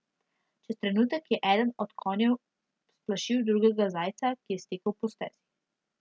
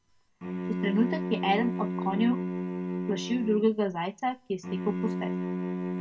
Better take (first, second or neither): first